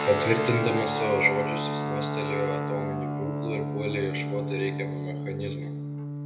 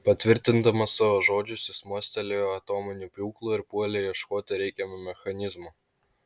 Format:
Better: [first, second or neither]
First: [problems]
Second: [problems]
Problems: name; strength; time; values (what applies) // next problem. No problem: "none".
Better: second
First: background sound (Guitar); 1 dB below the speech // room echo; dies away in 0.7 s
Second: none